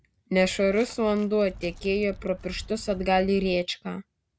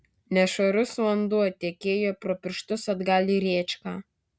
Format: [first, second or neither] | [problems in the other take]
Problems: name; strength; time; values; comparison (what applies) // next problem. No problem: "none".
second | background sound (Walk, footsteps); 17 dB below the speech